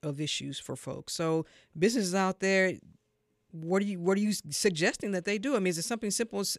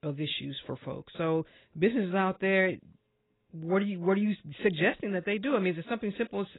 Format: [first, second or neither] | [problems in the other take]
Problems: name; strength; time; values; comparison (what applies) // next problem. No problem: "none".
first | garbled, watery; badly; nothing above 4 kHz